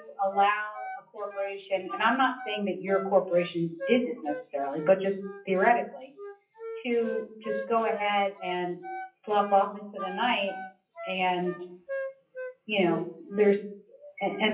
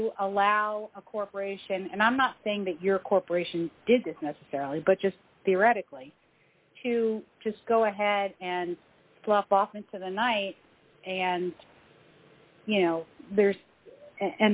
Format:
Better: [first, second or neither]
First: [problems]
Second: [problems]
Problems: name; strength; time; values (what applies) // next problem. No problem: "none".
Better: second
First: noise reduction (classical method WPE with log-MMSE)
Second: none